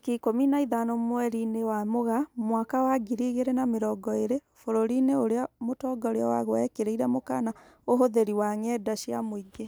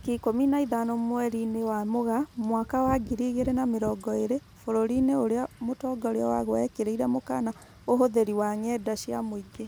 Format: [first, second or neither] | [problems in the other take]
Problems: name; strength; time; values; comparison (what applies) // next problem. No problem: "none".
first | background sound (Wind / Rain); 19 dB below the speech